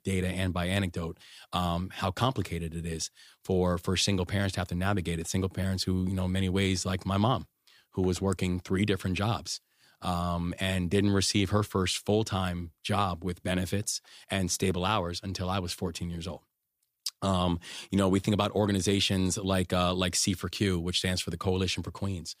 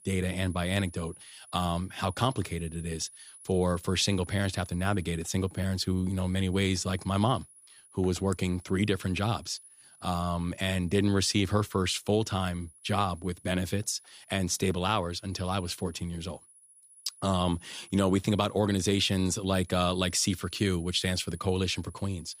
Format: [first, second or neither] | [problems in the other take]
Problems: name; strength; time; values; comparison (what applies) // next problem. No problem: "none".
first | high-pitched whine; faint; throughout; 10.5 kHz, 20 dB below the speech